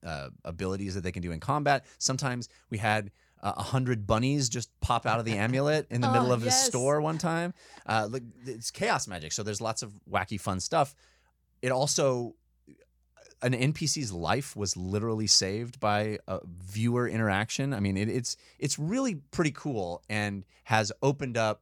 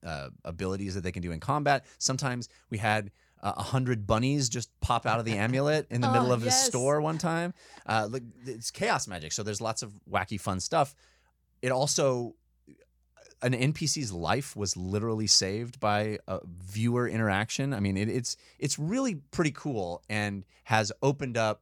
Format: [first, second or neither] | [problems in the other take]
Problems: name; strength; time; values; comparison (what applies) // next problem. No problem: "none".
neither | none